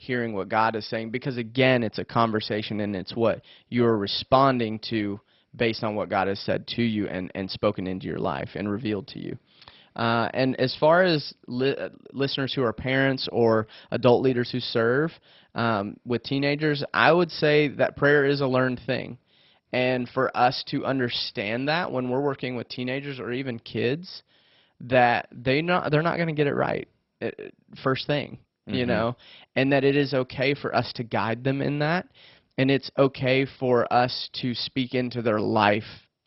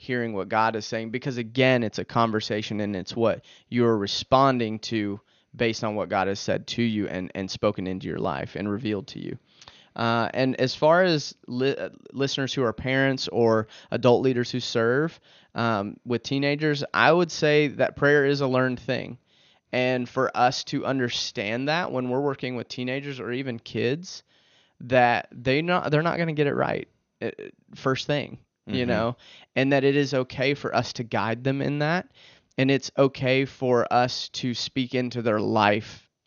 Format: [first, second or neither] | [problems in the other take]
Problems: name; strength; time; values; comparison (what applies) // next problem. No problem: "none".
second | garbled, watery; badly; nothing above 5.5 kHz; slightly in the second